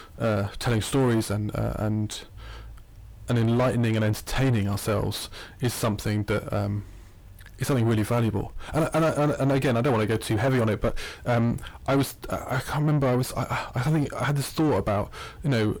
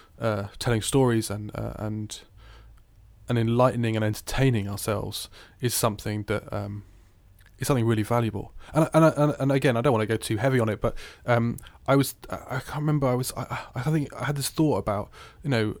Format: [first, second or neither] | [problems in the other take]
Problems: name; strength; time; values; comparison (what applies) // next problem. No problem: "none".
second | distortion; heavy; 7 dB below the speech